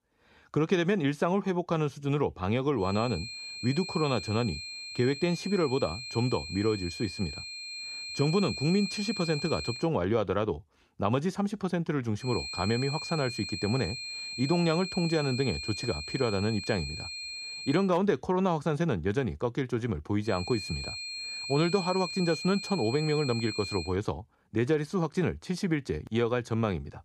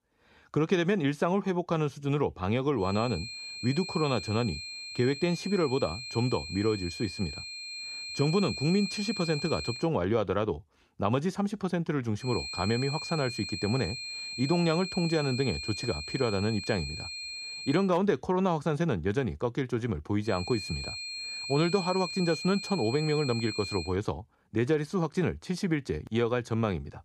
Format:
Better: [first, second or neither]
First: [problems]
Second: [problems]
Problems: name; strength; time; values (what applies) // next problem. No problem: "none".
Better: neither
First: high-pitched whine; loud; from 3 to 10 s, from 12 to 18 s and from 20 to 24 s; 4 kHz, 7 dB below the speech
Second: high-pitched whine; loud; from 3 to 10 s, from 12 to 18 s and from 20 to 24 s; 4 kHz, 7 dB below the speech